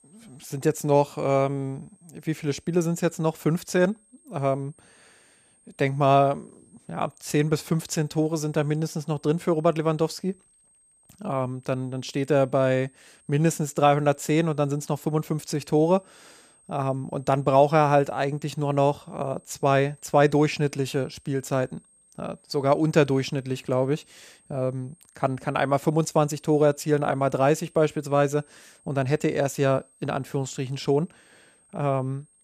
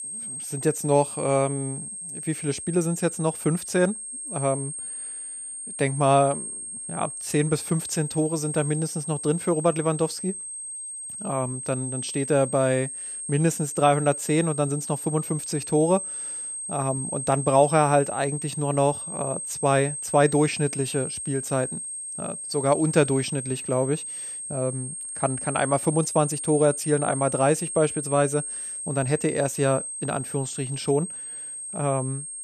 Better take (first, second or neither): first